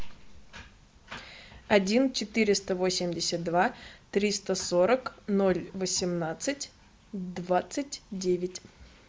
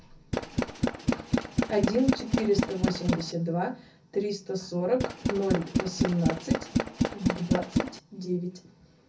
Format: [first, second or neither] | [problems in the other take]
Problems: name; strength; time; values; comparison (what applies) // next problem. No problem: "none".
first | background sound (Tools); 3 dB above the speech // room echo; dies away in 0.3 s